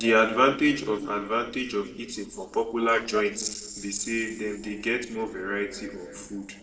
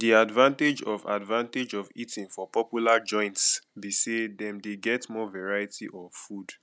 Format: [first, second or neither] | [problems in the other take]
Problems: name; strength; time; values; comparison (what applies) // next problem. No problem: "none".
second | noise reduction (neural separator model SepFormer DNS4)